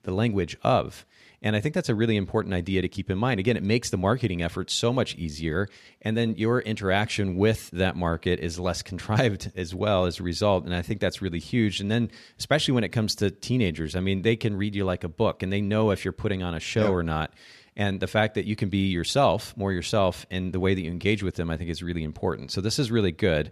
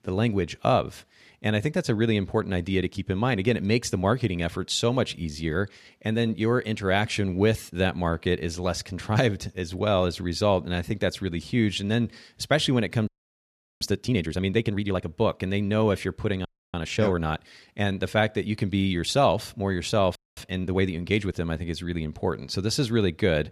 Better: first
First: none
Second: audio freezing; at 13 s for 0.5 s, at 16 s and at 20 s

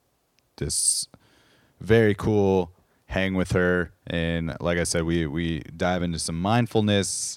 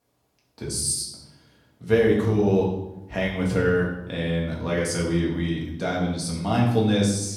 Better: first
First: none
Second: off-mic speech; far // room echo; noticeable; dies away in 0.8 s

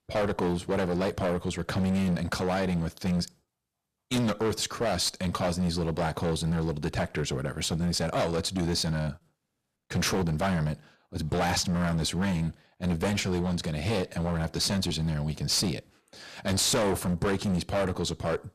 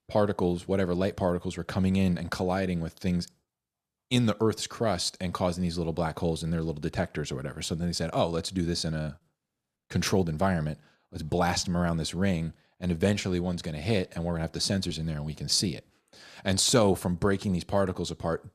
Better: second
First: distortion; heavy; 16% of the sound clipped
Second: none

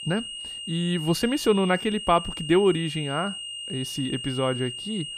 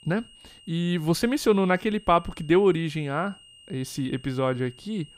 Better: second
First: high-pitched whine; loud; throughout; 3 kHz, 8 dB below the speech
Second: high-pitched whine; faint; throughout; 3 kHz, 25 dB below the speech

